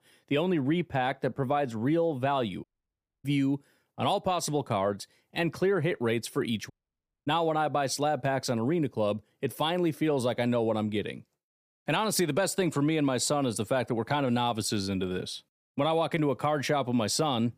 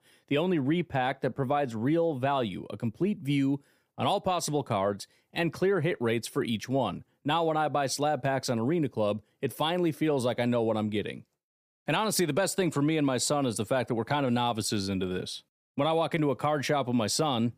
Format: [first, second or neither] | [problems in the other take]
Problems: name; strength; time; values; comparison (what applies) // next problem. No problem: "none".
second | audio cutting out; at 2.5 s for 0.5 s and at 6.5 s for 0.5 s